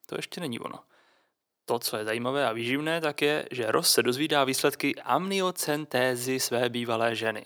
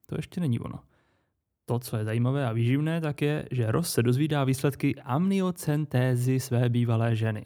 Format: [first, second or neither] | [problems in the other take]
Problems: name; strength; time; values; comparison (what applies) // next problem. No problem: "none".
second | thin; very; fading below 450 Hz